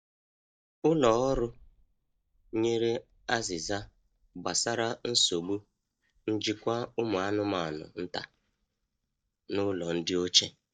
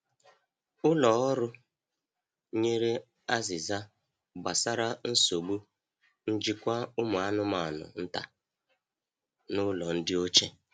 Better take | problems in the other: second | noise reduction (neural mask model DeepFilterNet 3)

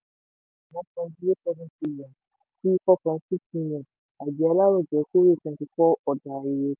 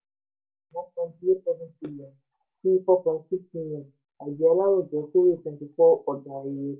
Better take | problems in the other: first | room echo; dies away in 0.2 s

